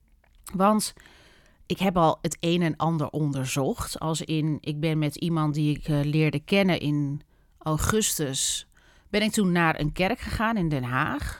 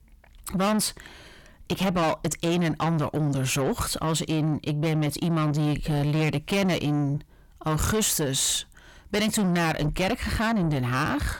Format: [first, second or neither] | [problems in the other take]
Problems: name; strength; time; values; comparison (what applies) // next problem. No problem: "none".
first | distortion; heavy; 7 dB below the speech